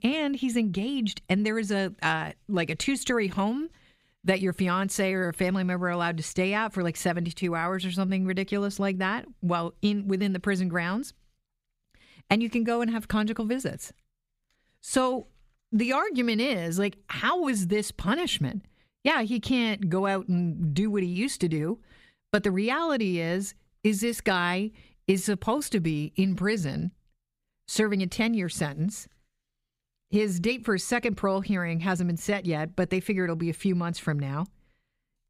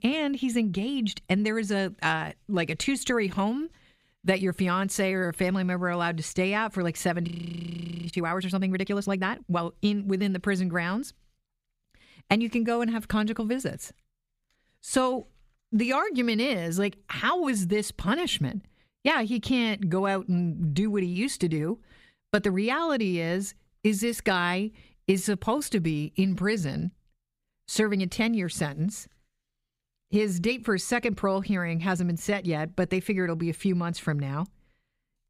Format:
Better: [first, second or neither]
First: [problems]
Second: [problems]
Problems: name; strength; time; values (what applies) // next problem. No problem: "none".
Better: first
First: none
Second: audio freezing; at 7.5 s for 1 s